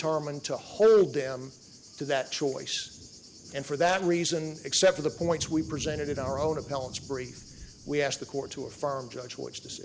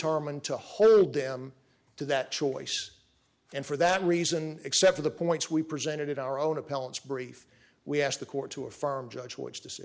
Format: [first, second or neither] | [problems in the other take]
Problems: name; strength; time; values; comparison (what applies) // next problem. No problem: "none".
second | background sound (Thunder / Cricket); 16 dB below the speech